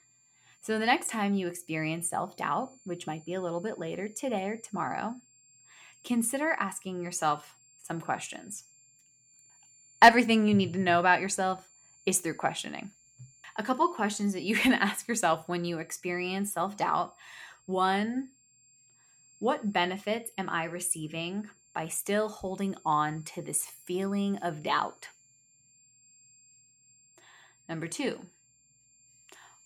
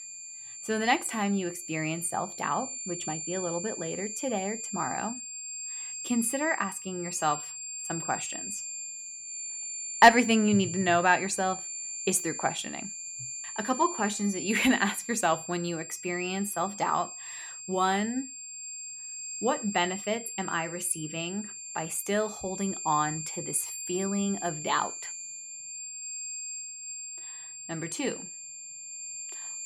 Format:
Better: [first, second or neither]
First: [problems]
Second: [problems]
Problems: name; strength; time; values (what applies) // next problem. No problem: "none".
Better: first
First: high-pitched whine; faint; throughout; 7 kHz, 30 dB below the speech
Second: high-pitched whine; loud; throughout; 7 kHz, 7 dB below the speech